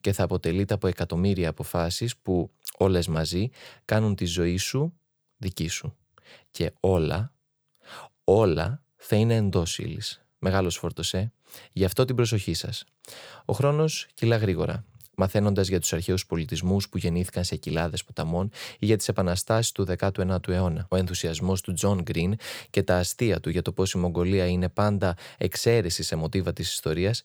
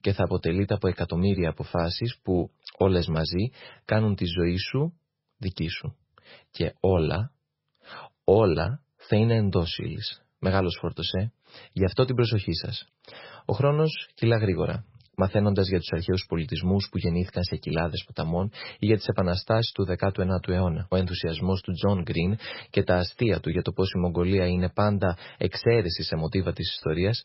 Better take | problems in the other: first | garbled, watery; badly; nothing above 5.5 kHz

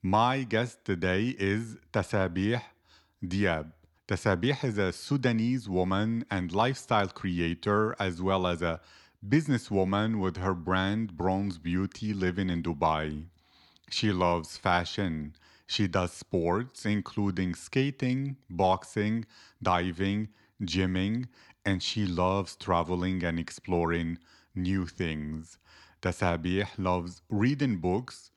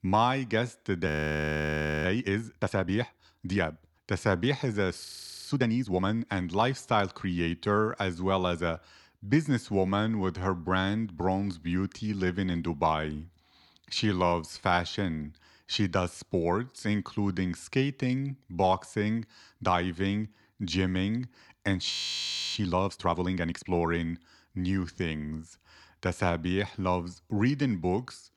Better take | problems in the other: first | audio freezing; at 1 s for 1 s, at 5 s and at 22 s for 0.5 s

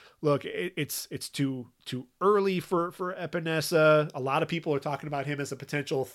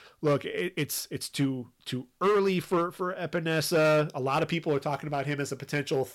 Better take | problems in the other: first | distortion; slight; 5% of the sound clipped

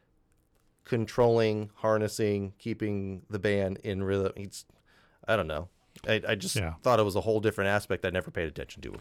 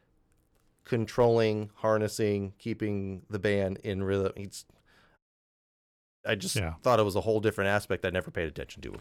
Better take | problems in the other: first | audio cutting out; at 5 s for 1 s

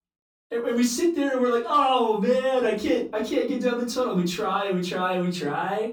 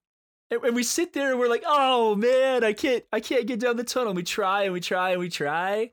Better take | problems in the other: second | room echo; slight; dies away in 0.4 s // off-mic speech; far

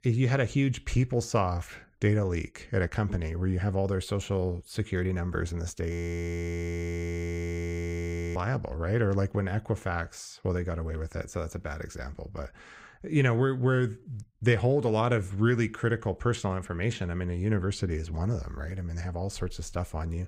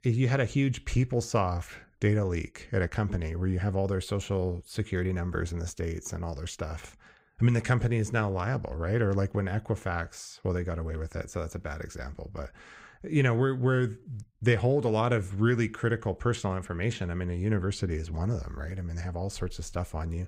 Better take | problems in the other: second | audio freezing; at 6 s for 2.5 s

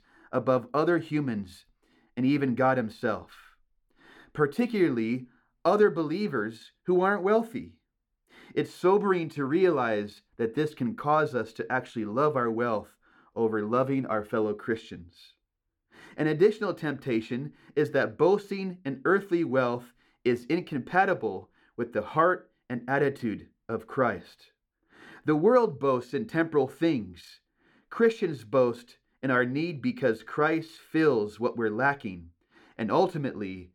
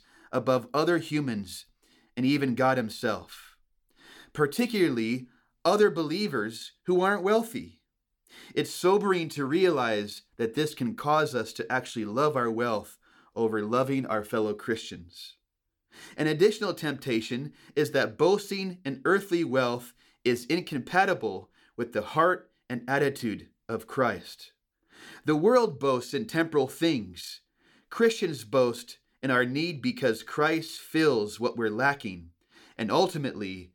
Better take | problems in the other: second | muffled; slightly; fading above 3 kHz

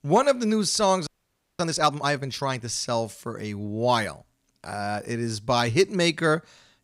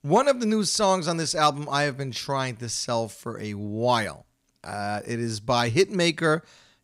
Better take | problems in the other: second | audio freezing; at 1 s for 0.5 s

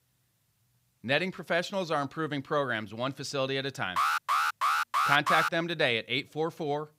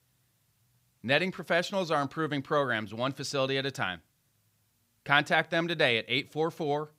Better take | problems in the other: second | alarm; loud; from 4 to 5.5 s; peak 3 dB above the speech

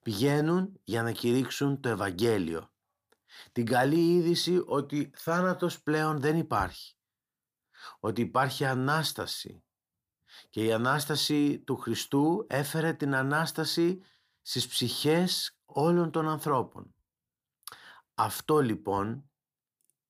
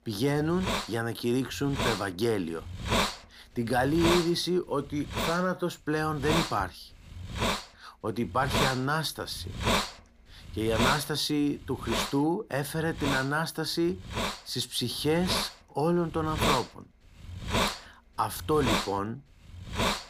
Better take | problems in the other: first | hiss; loud; throughout; 2 dB below the speech

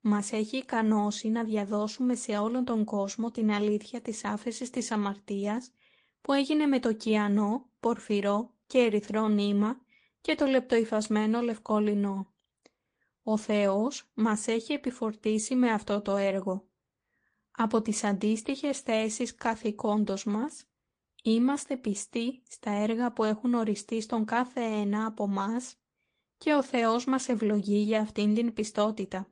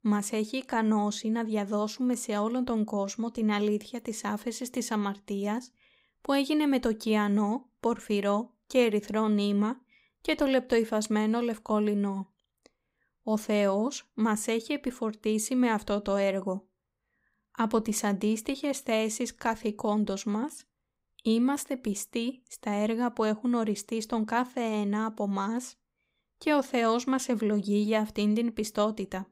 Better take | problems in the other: second | garbled, watery; slightly; nothing above 9 kHz

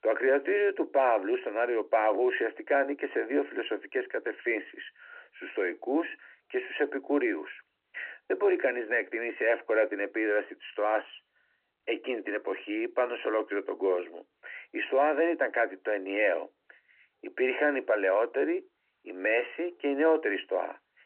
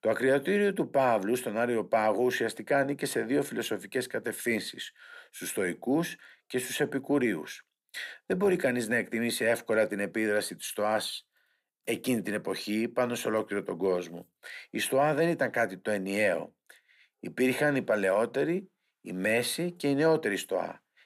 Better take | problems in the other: second | phone-call audio

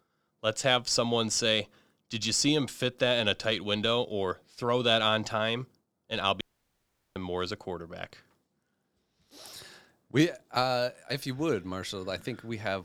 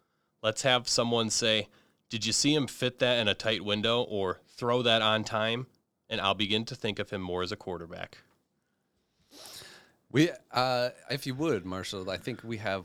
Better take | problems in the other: second | audio cutting out; at 6.5 s for 1 s

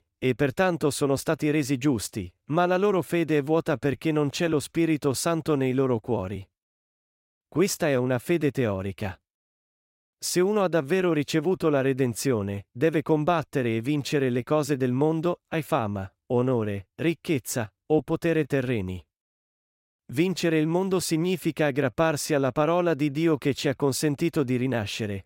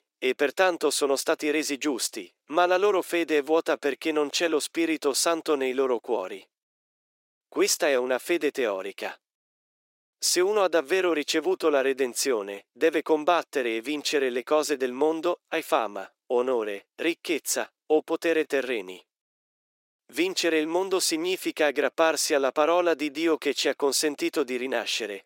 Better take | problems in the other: first | thin; somewhat; fading below 350 Hz

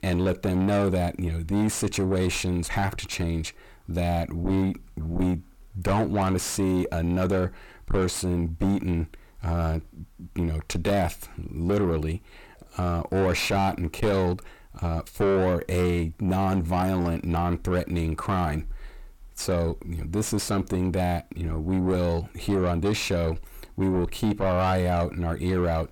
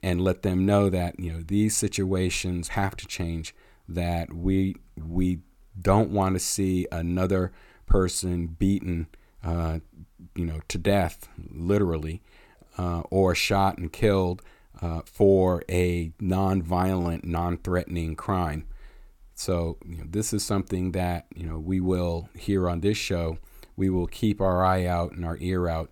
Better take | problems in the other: second | distortion; heavy; 7 dB below the speech

